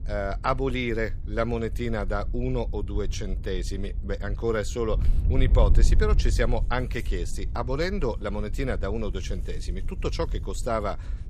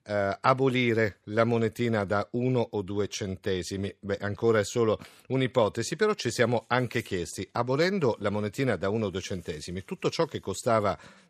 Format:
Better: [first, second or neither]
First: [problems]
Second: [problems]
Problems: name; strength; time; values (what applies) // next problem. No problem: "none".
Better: second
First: wind noise on the microphone; occasional gusts; 20 dB below the speech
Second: none